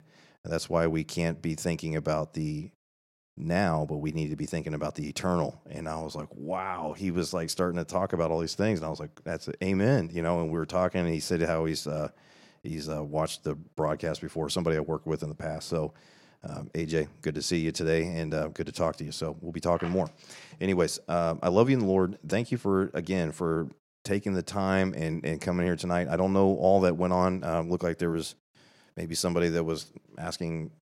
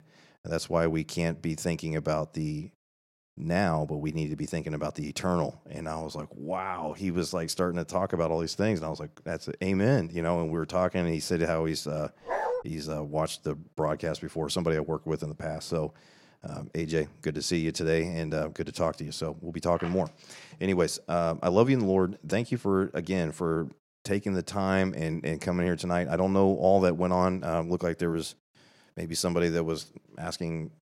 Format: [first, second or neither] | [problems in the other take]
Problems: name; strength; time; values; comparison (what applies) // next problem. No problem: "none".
first | dog barking; noticeable; at 12 s; peak 1 dB below the speech